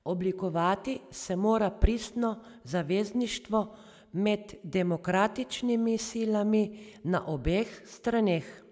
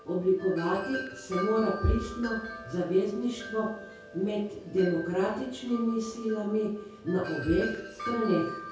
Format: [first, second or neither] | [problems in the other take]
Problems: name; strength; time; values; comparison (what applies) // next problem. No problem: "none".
first | background sound (Wind chime); 12 dB below the speech // room echo; dies away in 0.6 s